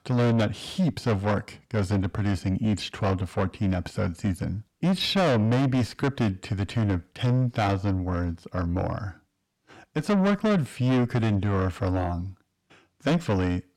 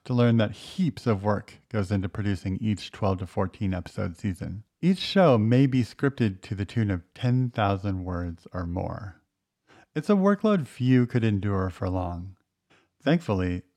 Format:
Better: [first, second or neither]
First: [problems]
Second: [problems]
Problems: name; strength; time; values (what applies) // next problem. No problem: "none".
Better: second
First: distortion; heavy; 7 dB below the speech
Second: none